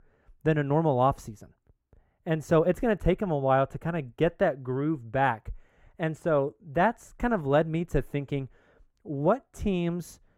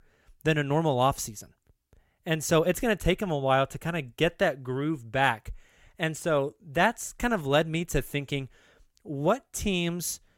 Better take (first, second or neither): second